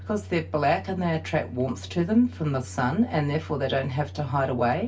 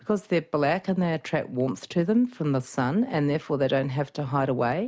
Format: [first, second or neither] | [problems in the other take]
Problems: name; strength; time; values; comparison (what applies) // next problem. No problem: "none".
second | background sound (Microwave oven); 14 dB below the speech // room echo; dies away in 0.2 s